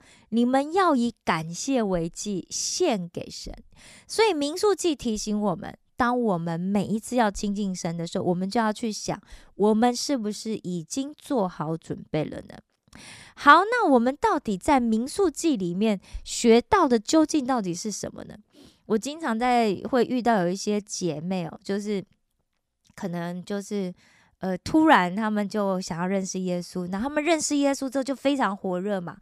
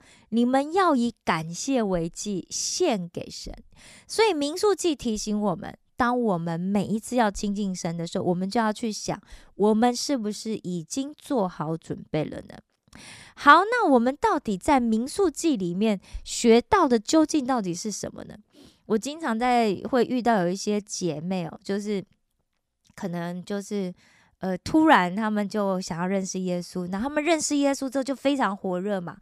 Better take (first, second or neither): neither